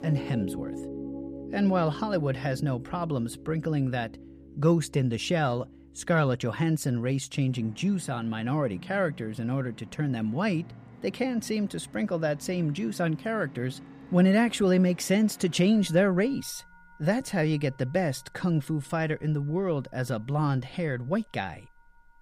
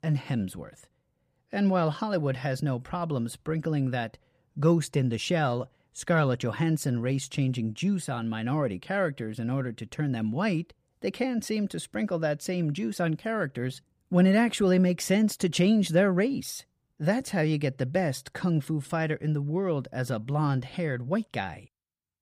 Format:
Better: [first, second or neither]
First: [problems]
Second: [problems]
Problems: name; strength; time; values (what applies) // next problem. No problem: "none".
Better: second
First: background music; noticeable; throughout; 15 dB below the speech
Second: none